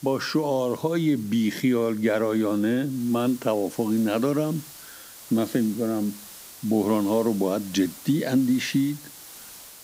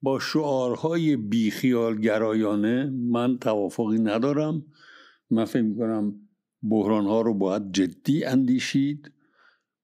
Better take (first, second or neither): second